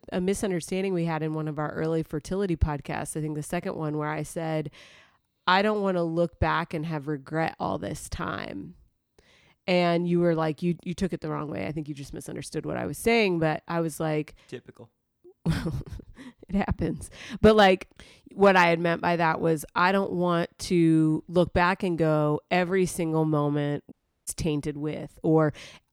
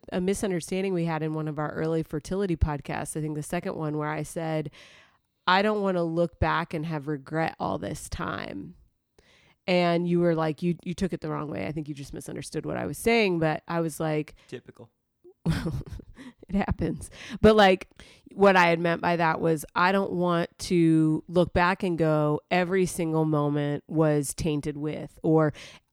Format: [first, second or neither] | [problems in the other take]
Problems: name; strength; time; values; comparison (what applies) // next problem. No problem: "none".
second | audio cutting out; at 24 s